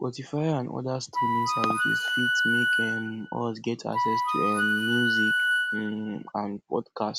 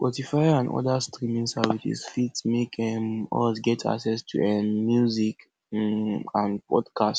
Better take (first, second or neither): second